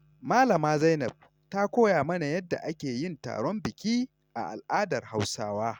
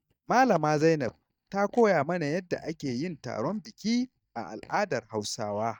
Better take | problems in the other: first | noise reduction (neural mask model DeepFilterNet 3)

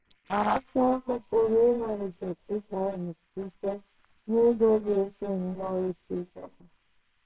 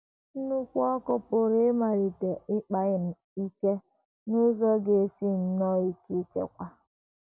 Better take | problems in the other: second | noise reduction (neural separator model SepFormer WHAMR!)

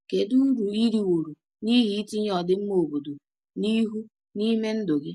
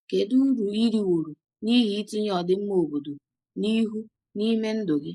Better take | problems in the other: first | noise reduction (neural mask model Resemble Enhance denoiser)

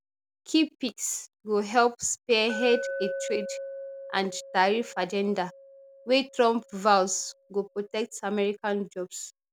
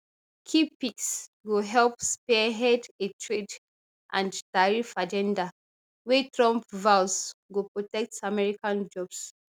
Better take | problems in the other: second | background sound (Glass); 13 dB below the speech

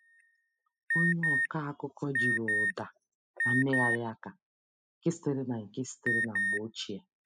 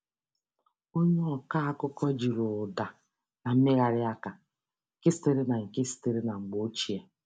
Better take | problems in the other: second | noise reduction (classical method spectral subtraction)

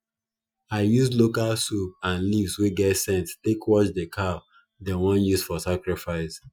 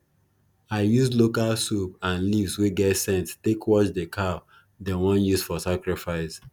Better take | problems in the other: second | noise reduction (classical method Wiener filter)

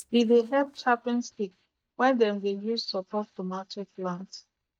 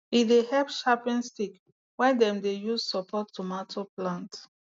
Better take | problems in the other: second | noise reduction (neural mask model DeepFilterNet 3)

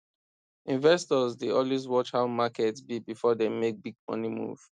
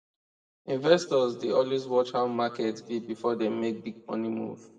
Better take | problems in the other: first | room echo; dies away in 1.4 s

